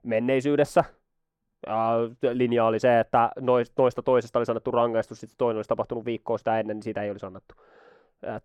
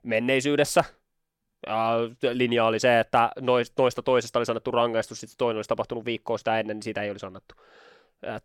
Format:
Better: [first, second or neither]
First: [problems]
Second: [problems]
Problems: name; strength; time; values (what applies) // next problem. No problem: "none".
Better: second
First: muffled; slightly; fading above 2 kHz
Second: none